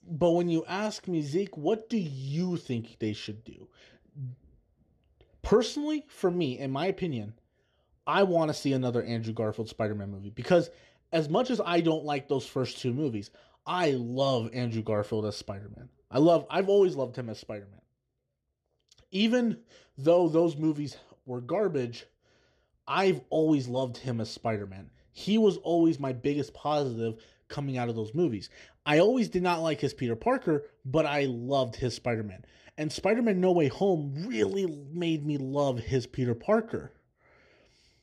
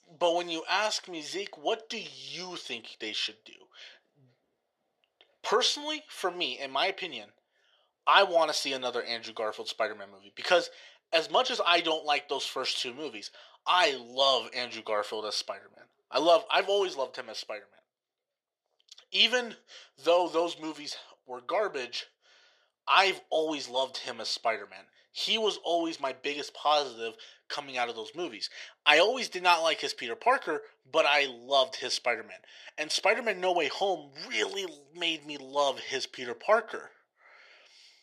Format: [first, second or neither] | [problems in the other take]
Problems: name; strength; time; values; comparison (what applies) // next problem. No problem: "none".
first | thin; very; fading below 900 Hz